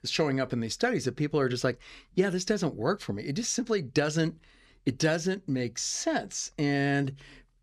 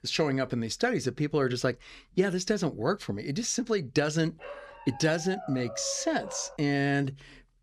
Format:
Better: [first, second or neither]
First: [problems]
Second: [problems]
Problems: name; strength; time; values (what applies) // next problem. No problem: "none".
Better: first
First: none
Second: dog barking; faint; from 4.5 to 6.5 s; peak 10 dB below the speech